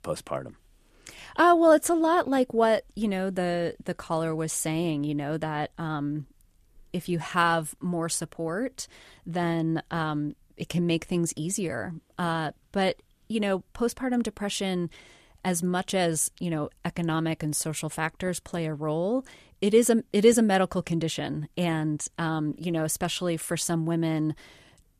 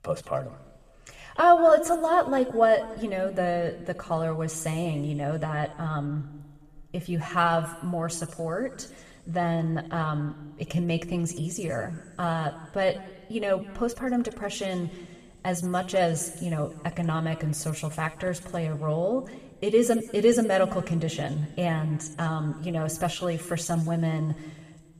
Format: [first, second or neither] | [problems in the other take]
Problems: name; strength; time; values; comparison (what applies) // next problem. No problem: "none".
first | room echo; slight; dies away in 1.9 s